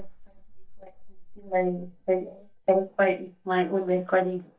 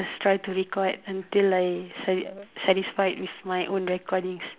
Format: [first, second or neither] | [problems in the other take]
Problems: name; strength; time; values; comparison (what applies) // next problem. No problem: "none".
second | noise reduction (neural mask model DeepFilterNet 3)